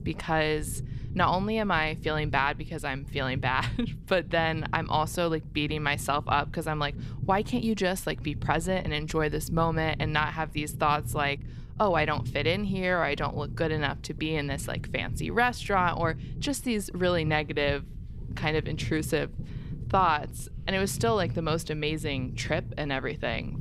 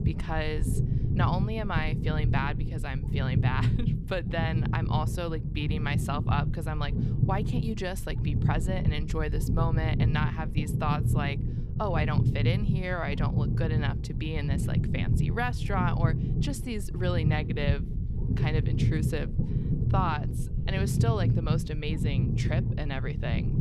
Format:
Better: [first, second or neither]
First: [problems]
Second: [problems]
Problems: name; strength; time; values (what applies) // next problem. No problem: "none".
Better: first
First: low rumble; faint; throughout; 20 dB below the speech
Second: low rumble; loud; throughout; 6 dB below the speech